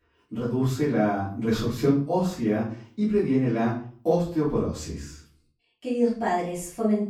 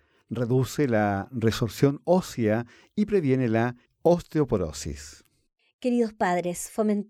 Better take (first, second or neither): second